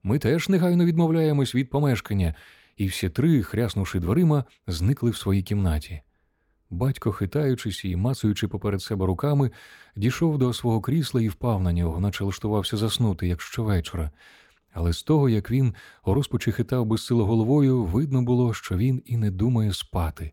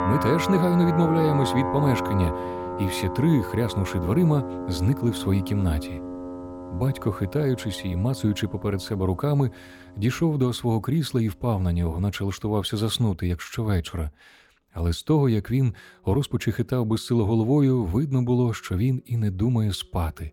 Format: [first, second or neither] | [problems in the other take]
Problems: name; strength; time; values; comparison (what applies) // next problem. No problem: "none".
first | background music; loud; throughout; 7 dB below the speech